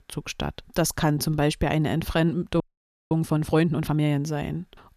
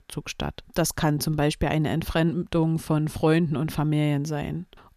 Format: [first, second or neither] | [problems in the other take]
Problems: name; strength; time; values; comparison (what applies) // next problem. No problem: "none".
second | audio freezing; at 2.5 s for 0.5 s